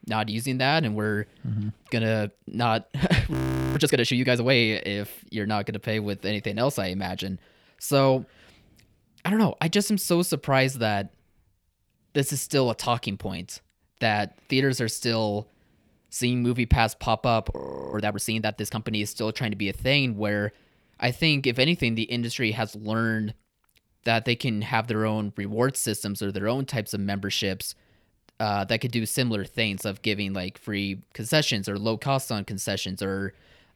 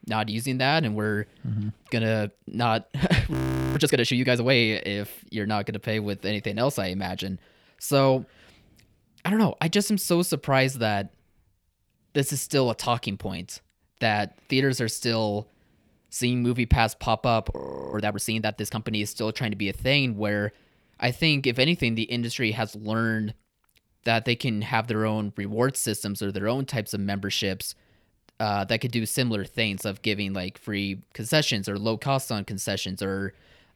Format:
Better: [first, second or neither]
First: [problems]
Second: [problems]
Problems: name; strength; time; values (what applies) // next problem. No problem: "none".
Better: neither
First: audio freezing; at 3.5 s and at 18 s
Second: audio freezing; at 3.5 s and at 18 s